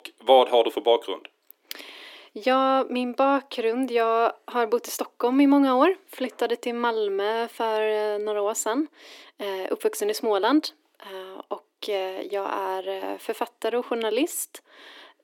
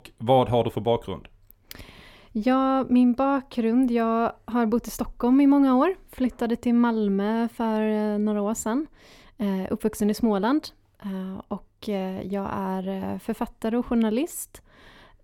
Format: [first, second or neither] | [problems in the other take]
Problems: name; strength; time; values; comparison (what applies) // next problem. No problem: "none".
second | thin; somewhat; fading below 300 Hz